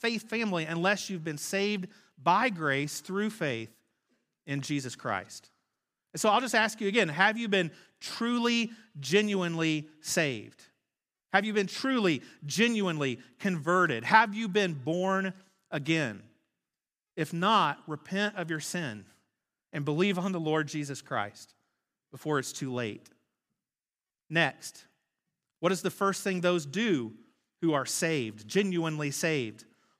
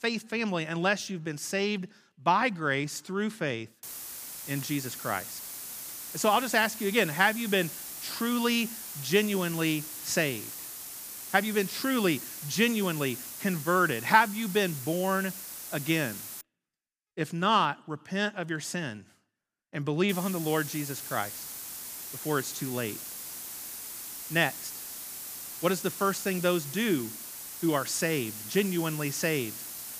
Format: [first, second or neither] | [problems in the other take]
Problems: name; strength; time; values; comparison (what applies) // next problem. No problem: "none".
first | hiss; loud; from 4 to 16 s and from 20 s on; 9 dB below the speech